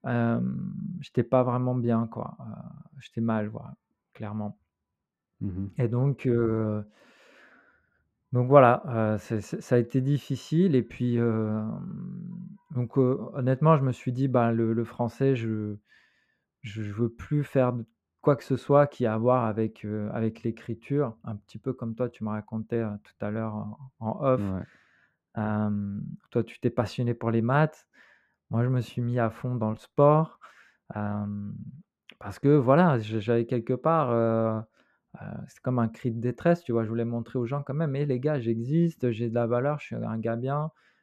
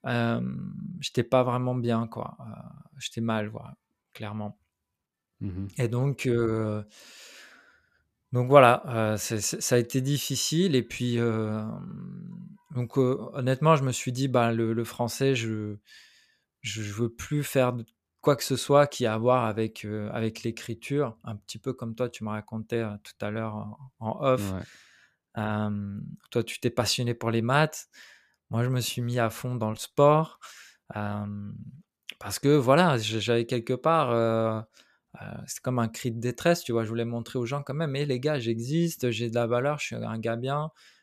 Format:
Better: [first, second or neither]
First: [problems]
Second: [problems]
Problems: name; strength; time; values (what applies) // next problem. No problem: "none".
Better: second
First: muffled; very; fading above 3 kHz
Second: none